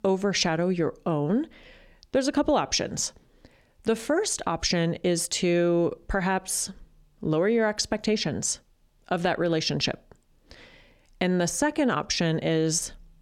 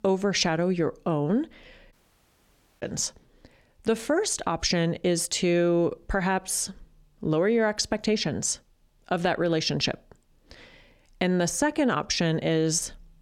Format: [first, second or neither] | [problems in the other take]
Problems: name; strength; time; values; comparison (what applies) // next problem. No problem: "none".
first | audio cutting out; at 2 s for 1 s